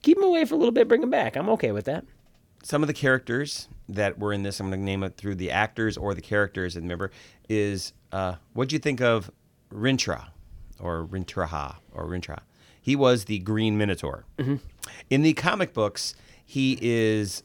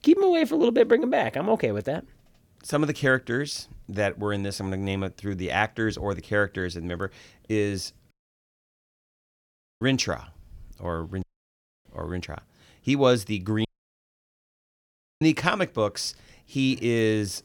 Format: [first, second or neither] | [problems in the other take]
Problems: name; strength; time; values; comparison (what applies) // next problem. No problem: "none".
first | audio cutting out; at 8 s for 1.5 s, at 11 s for 0.5 s and at 14 s for 1.5 s